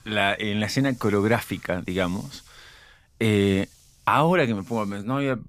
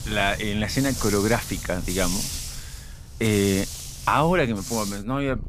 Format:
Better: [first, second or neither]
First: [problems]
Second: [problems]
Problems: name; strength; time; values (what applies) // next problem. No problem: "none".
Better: first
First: animal sounds; faint; throughout; 25 dB below the speech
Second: animal sounds; loud; throughout; 8 dB below the speech